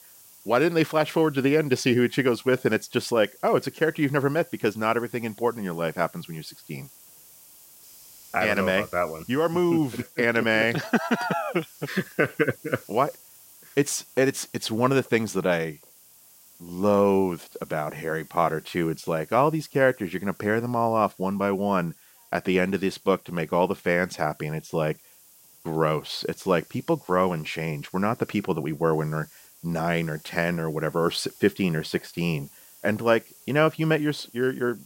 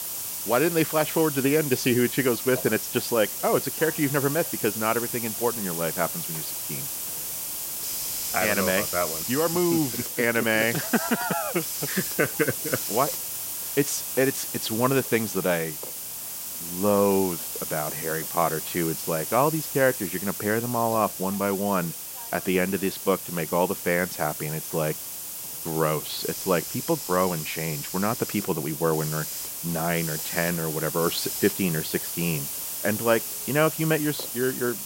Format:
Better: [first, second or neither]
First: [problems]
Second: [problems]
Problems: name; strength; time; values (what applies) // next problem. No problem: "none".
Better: first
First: hiss; faint; throughout; 25 dB below the speech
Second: hiss; loud; throughout; 4 dB below the speech